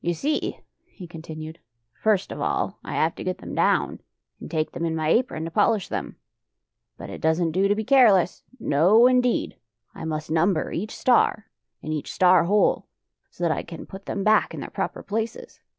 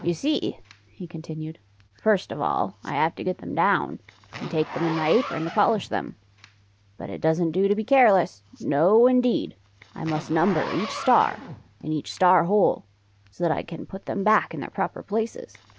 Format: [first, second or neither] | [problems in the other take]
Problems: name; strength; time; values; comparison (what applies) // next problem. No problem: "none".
first | background sound (Zipper (clothing)); 17 dB below the speech